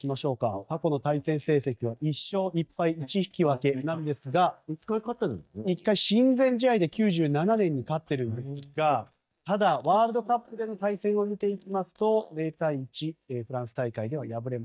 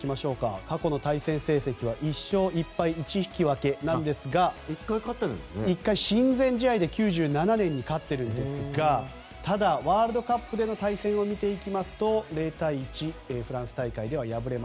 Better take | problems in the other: second | noise reduction (neural mask model DeepFilterNet 3)

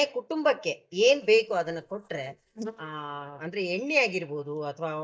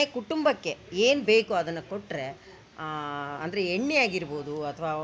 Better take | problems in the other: second | noise reduction (neural mask model DeepFilterNet 3)

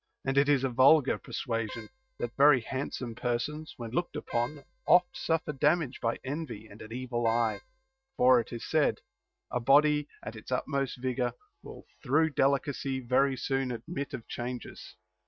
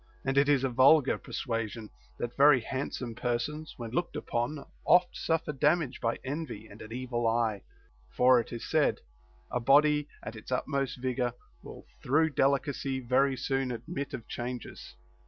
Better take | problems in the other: second | noise reduction (neural mask model RNNoise)

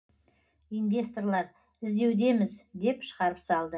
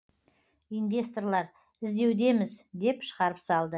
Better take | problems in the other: second | room echo; dies away in 0.4 s

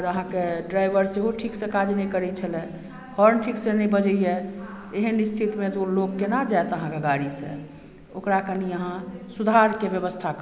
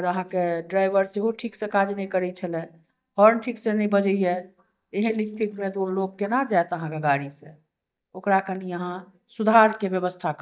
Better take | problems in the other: first | noise reduction (neural mask model DeepFilterNet 3)

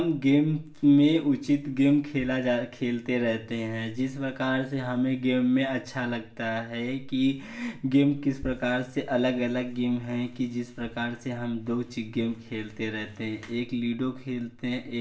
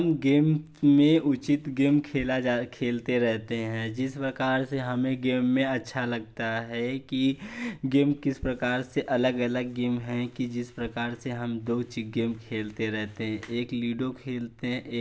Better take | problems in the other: second | room echo; dies away in 0.4 s

